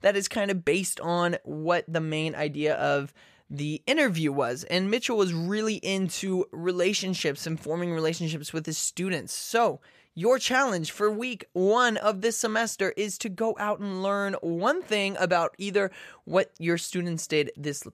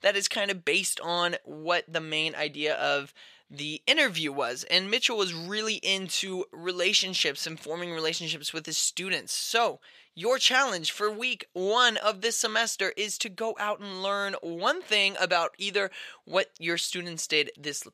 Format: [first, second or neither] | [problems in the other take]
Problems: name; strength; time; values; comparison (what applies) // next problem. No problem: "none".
first | thin; somewhat; fading below 550 Hz